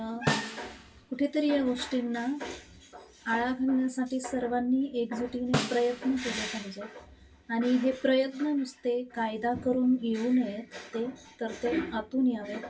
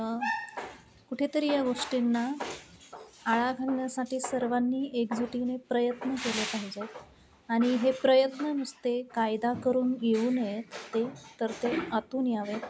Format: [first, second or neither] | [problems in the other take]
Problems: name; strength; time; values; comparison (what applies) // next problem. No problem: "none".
second | background sound (Snare drum); 7 dB below the speech // room echo; dies away in 0.1 s